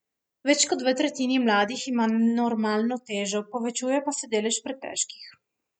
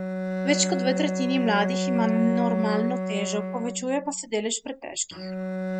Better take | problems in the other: first | background sound (Bowed string instrument); 1 dB below the speech

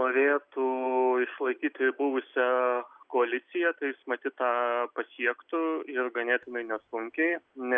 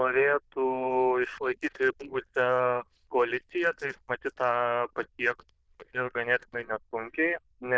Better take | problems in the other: first | noise reduction (neural diffusion model UNIVERSE++)

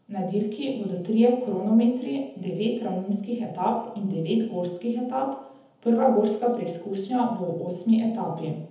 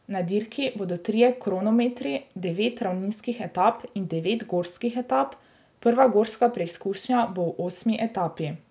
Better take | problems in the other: second | room echo; dies away in 1 s

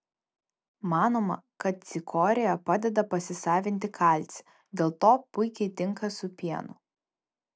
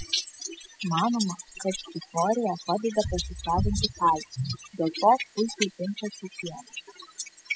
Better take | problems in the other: first | noise reduction (classical method spectral subtraction)

